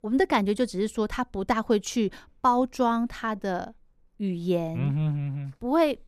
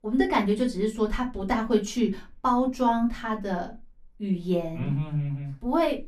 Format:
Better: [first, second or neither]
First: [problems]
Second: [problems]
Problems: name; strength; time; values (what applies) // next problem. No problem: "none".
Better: first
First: none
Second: off-mic speech; far // room echo; very slight; dies away in 0.2 s